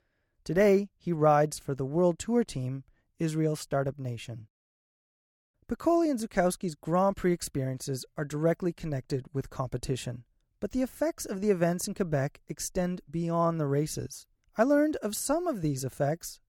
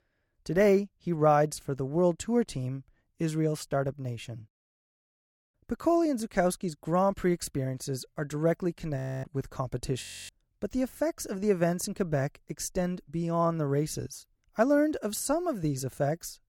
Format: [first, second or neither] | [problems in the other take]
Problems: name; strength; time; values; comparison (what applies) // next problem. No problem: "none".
first | audio freezing; at 9 s and at 10 s